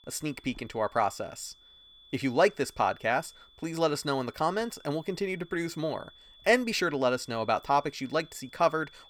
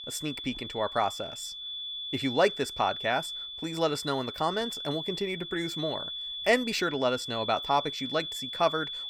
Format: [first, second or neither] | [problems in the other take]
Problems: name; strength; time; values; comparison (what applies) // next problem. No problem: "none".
first | high-pitched whine; loud; throughout; 3.5 kHz, 6 dB below the speech; faint in the first